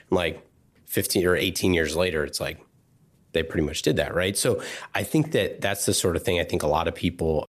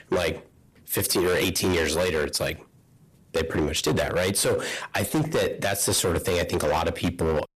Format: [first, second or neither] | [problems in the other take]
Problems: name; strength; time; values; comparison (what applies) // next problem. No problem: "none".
first | distortion; heavy; 15% of the sound clipped